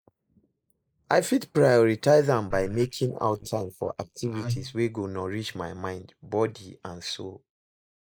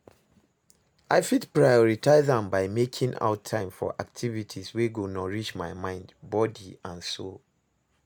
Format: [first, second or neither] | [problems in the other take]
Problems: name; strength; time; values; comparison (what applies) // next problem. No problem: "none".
second | noise reduction (neural mask model Resemble Enhance denoiser)